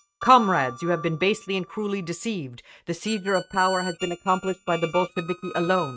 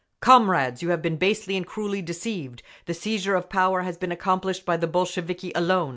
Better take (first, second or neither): second